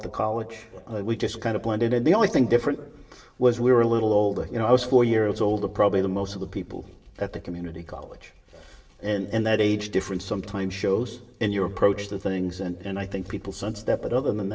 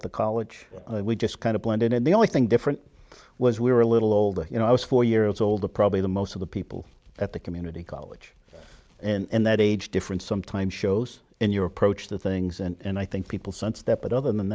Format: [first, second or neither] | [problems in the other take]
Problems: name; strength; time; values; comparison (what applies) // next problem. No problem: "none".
second | room echo; dies away in 0.8 s